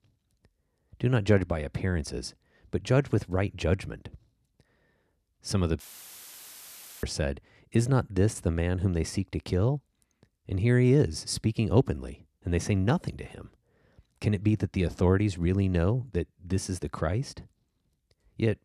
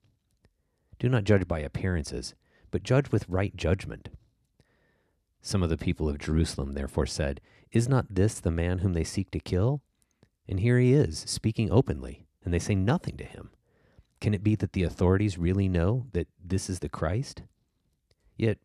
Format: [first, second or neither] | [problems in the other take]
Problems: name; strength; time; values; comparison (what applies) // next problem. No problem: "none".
second | audio cutting out; filled with static; at 6 s for 1 s